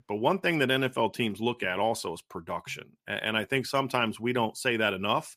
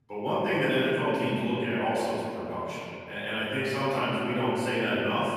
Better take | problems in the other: first | room echo; strong; dies away in 2.8 s // off-mic speech; far

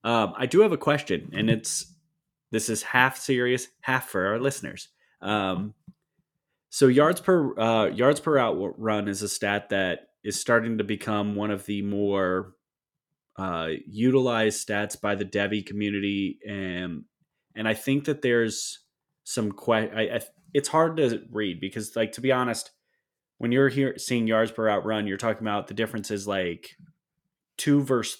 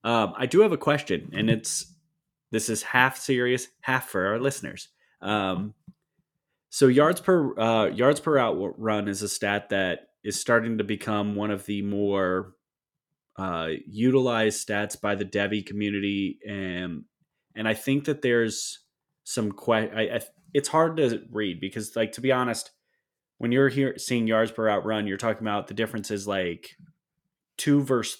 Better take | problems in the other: neither | none

